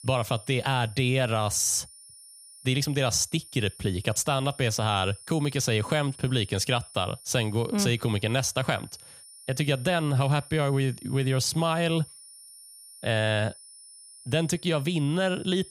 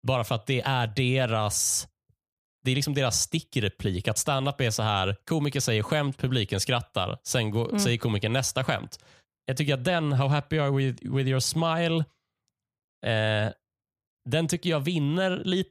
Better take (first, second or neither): second